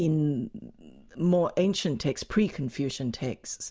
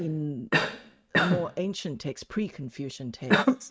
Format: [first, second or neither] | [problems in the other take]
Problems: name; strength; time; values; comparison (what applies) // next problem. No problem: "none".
first | noise reduction (neural mask model RNNoise)